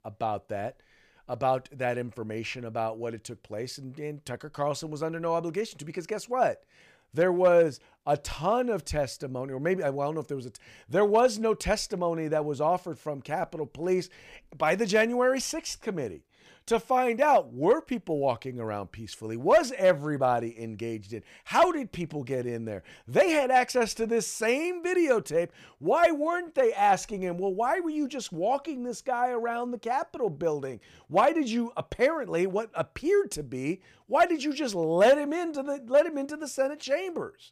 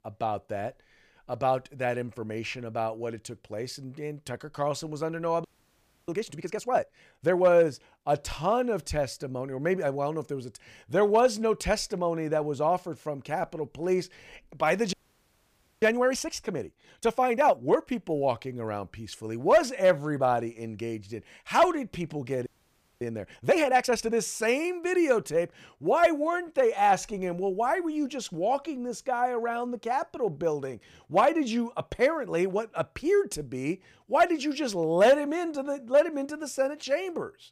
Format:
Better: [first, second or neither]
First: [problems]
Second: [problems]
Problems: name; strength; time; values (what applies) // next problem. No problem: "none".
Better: first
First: none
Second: audio freezing; at 5.5 s for 0.5 s, at 15 s for 1 s and at 22 s for 0.5 s